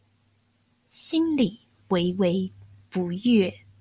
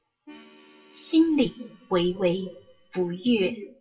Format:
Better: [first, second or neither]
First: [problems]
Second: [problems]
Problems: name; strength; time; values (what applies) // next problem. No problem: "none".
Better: first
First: none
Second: noise reduction (classical method WPE with log-MMSE)